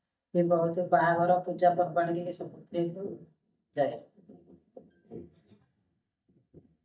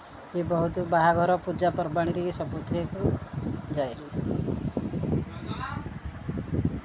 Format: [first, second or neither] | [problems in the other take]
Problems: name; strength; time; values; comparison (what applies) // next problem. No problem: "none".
second | noise reduction (neural mask model DeepFilterNet 3)